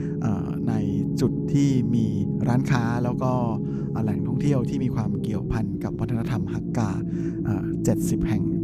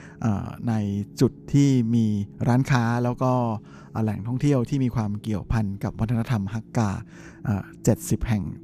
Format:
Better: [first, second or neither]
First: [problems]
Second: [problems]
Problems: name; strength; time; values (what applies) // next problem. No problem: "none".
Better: second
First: low rumble; loud; throughout; 2 dB below the speech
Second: low rumble; faint; throughout; 25 dB below the speech